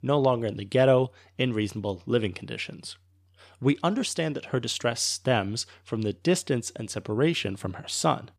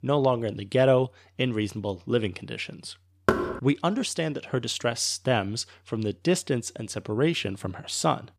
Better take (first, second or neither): first